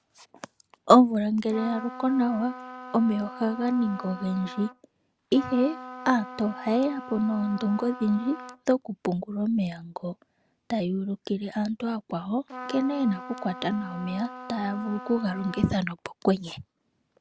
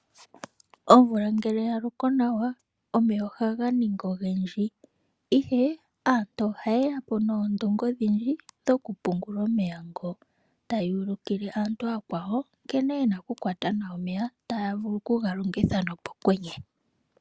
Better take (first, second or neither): second